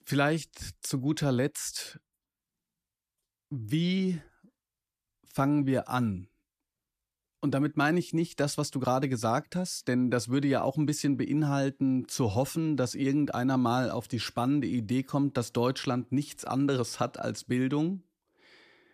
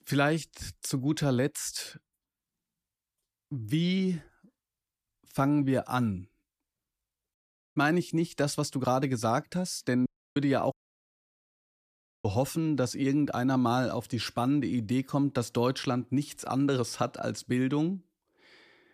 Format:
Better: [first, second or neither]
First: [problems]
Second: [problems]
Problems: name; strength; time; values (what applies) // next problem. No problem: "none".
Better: first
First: none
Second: audio cutting out; at 7.5 s, at 10 s and at 11 s for 1.5 s